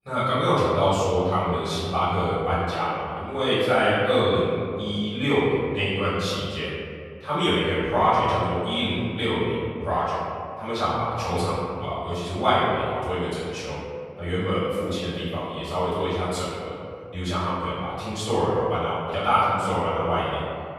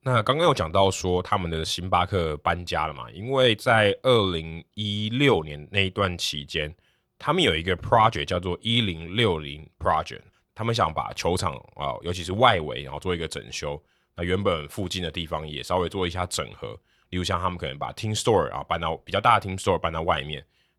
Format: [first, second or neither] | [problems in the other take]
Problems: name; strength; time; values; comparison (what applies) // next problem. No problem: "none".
second | off-mic speech; far // room echo; strong; dies away in 2.1 s